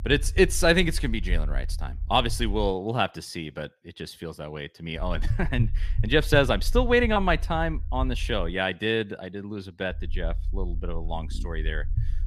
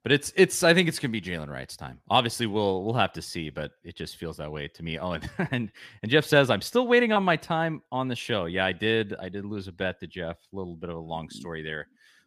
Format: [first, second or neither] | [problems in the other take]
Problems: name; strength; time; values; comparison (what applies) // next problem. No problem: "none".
second | low rumble; faint; until 2.5 s, from 5 to 8.5 s and from 10 s on; 25 dB below the speech